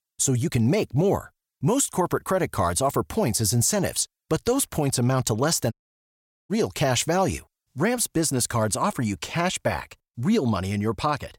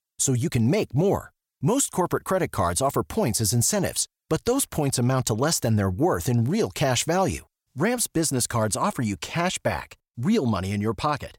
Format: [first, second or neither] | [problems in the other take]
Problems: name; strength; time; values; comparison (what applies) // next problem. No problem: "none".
second | audio cutting out; at 5.5 s for 1 s